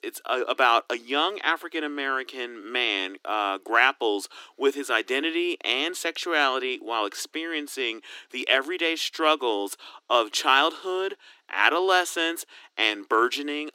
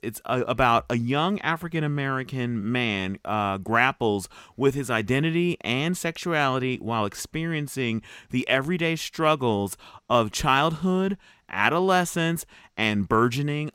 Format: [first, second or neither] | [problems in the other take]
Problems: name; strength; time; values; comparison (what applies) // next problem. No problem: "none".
second | thin; somewhat; fading below 300 Hz